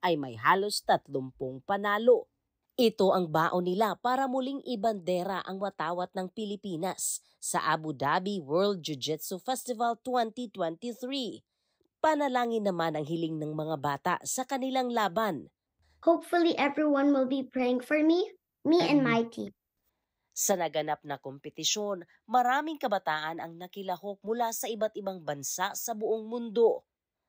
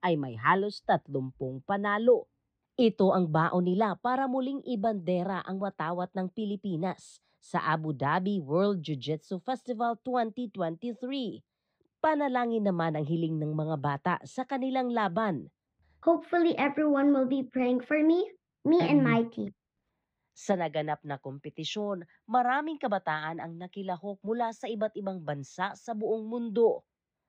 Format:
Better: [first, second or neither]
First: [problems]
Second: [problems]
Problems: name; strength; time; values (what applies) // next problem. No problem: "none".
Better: first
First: none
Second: muffled; slightly; fading above 2.5 kHz